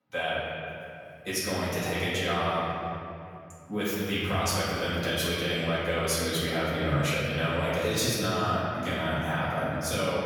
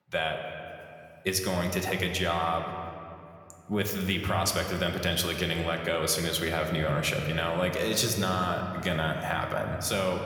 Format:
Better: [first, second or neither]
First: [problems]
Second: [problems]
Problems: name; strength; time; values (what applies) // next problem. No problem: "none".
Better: second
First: room echo; strong; dies away in 2.5 s // off-mic speech; far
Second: room echo; slight; dies away in 2.2 s